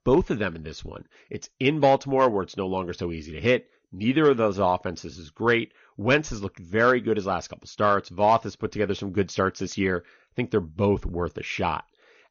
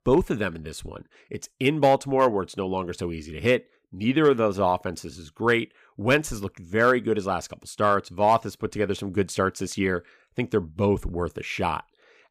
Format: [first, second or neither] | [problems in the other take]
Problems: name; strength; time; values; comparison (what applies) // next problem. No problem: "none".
second | garbled, watery; slightly; nothing above 6.5 kHz